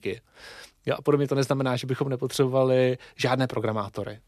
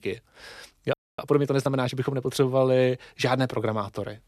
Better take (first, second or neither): first